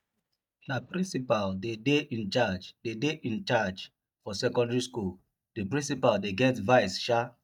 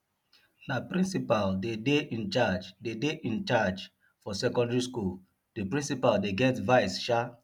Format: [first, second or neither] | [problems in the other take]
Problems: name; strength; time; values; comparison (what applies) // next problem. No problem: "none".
second | noise reduction (neural mask model DeepFilterNet 3)